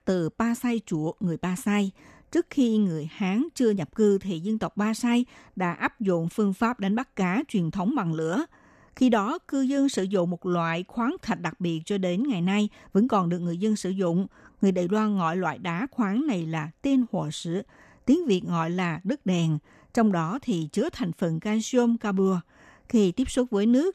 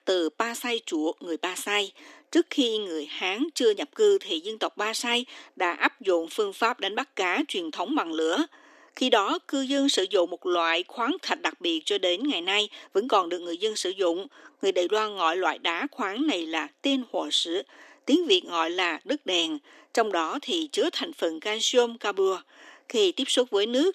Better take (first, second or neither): first